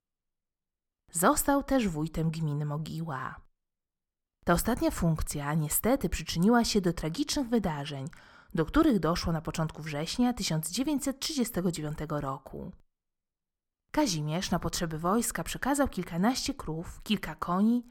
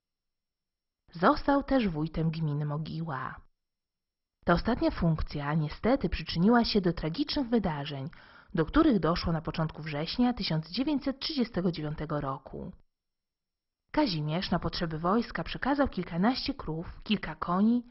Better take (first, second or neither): first